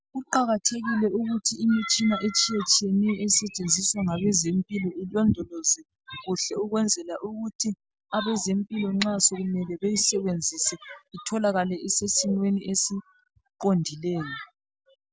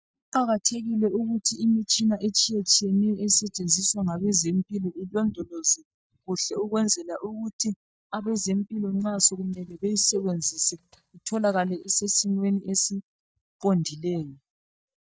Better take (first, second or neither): first